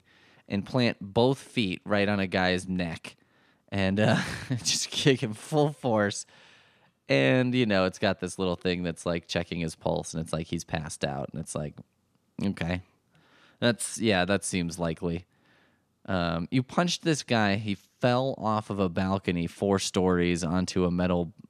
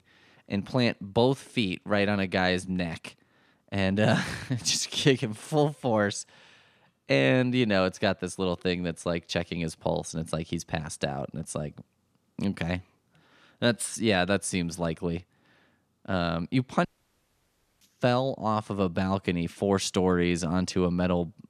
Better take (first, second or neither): first